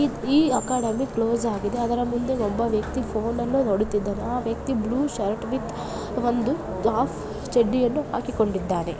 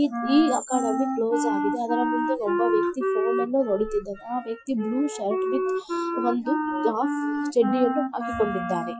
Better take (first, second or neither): first